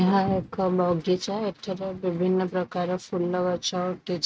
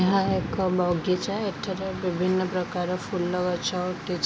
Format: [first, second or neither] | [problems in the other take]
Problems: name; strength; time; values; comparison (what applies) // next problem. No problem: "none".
second | noise reduction (neural mask model RNNoise)